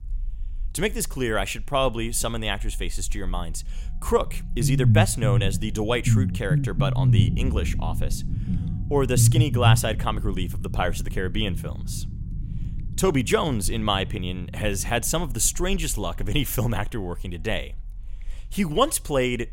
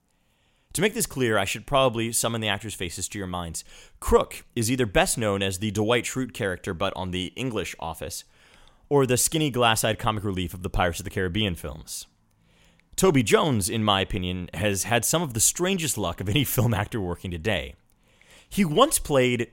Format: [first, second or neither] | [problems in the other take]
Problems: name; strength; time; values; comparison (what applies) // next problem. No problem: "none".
second | low rumble; noticeable; throughout; 10 dB below the speech